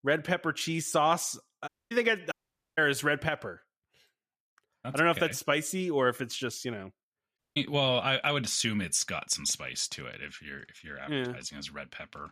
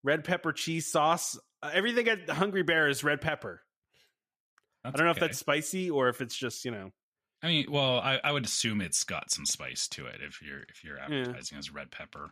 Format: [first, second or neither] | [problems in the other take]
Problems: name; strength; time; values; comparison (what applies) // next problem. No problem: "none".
second | audio cutting out; at 1.5 s, at 2.5 s and at 7.5 s